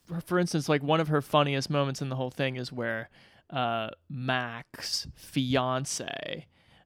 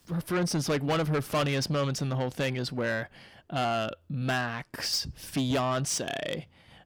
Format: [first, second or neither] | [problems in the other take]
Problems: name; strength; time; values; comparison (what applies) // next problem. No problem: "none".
first | distortion; heavy; 7 dB below the speech